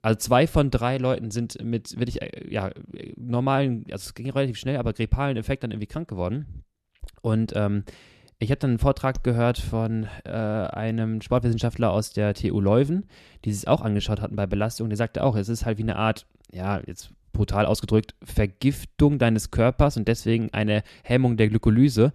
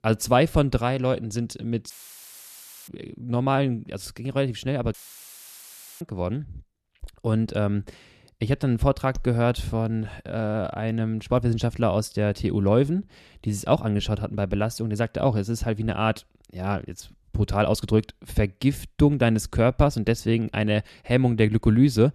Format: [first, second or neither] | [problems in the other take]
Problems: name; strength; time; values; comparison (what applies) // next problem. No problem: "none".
first | audio cutting out; filled with static; at 2 s for 1 s and at 5 s for 1 s